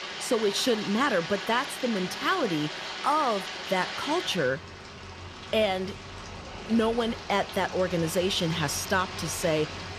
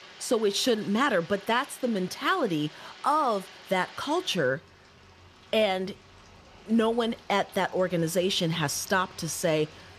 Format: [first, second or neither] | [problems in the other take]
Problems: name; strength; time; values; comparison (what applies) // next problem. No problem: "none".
second | rain or running water; loud; throughout; 8 dB below the speech; faint in the second